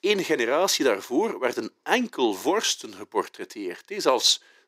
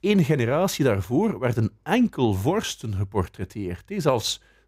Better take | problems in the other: second | thin; somewhat; fading below 300 Hz

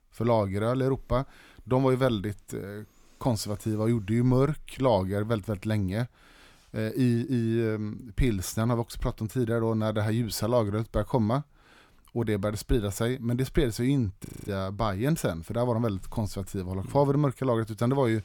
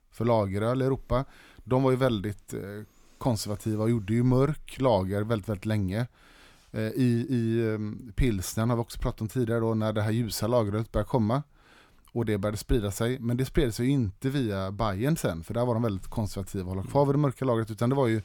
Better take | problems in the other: second | audio freezing; at 14 s

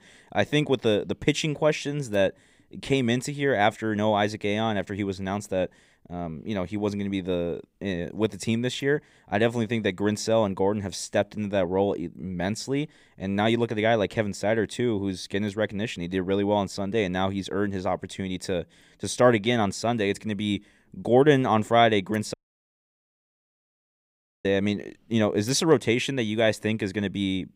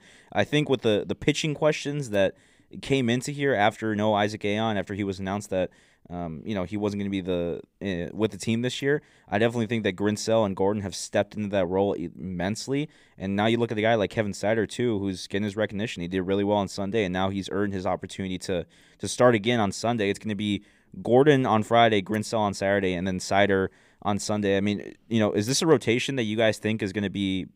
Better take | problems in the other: second | audio cutting out; at 22 s for 2 s

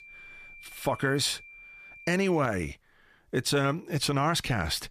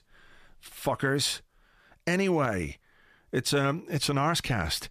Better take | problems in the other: second | high-pitched whine; noticeable; until 2.5 s; 2.5 kHz, 20 dB below the speech

